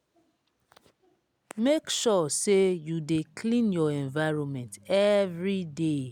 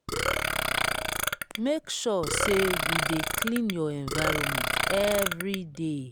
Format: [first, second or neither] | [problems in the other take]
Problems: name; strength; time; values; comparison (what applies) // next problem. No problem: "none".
first | background sound (Burping, eructation); 1 dB above the speech